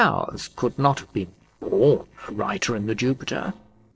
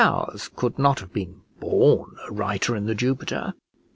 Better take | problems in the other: second | noise reduction (neural separator model SepFormer DNS4)

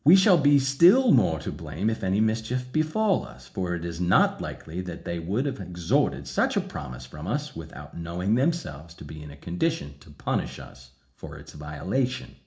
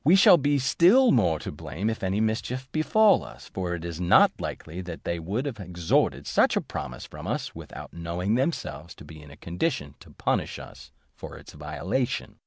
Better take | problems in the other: second | room echo; dies away in 0.4 s

